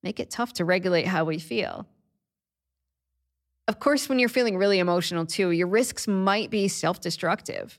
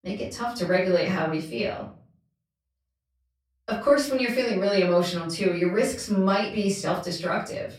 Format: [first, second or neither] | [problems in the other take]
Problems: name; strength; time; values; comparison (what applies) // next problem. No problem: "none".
first | off-mic speech; far // room echo; slight; dies away in 0.4 s